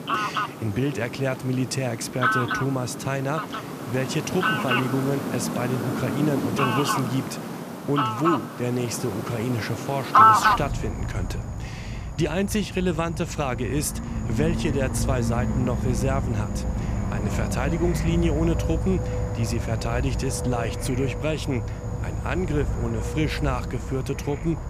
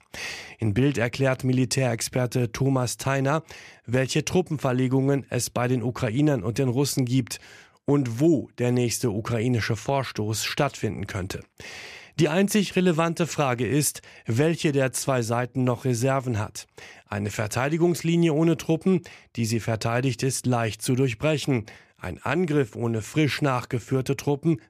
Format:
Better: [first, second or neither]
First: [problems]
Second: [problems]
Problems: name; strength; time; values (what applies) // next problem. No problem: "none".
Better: second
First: animal sounds; very loud; throughout; 1 dB above the speech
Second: none